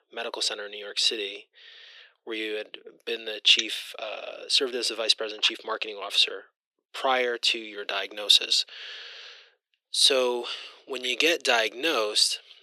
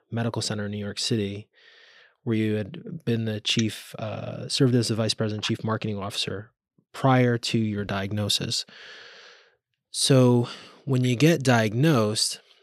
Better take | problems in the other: second | thin; very; fading below 400 Hz

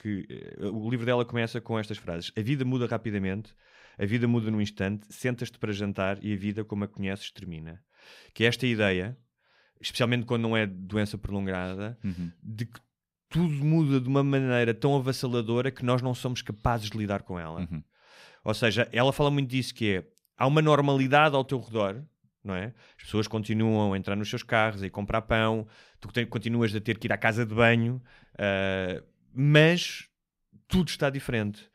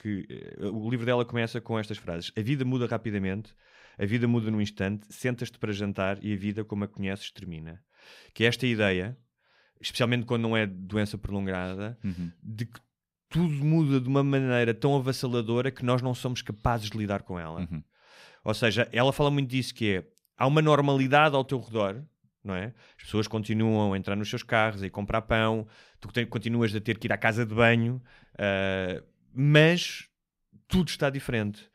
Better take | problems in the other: neither | none

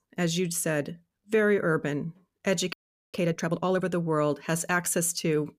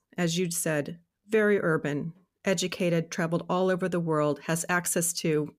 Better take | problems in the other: second | audio freezing; at 2.5 s

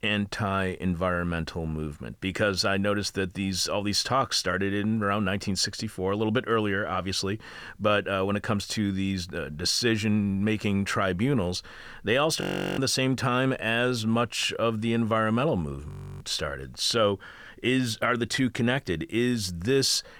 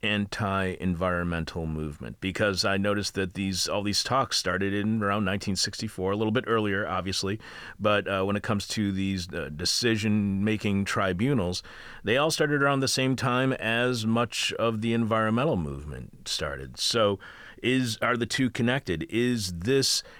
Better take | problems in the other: second | audio freezing; at 12 s and at 16 s

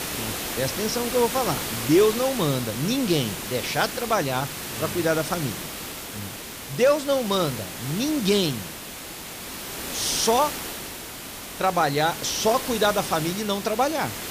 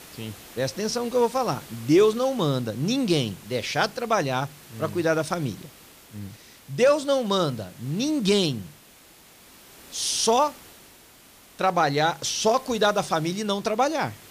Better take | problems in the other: second | hiss; loud; throughout; 7 dB below the speech; faint in the second

